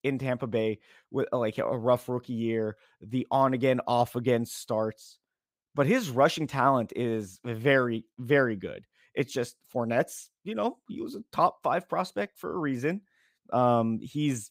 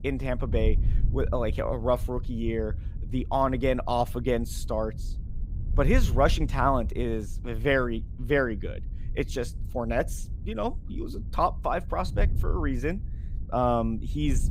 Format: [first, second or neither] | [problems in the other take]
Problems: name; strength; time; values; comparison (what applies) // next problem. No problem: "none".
first | wind noise on the microphone; occasional gusts; 20 dB below the speech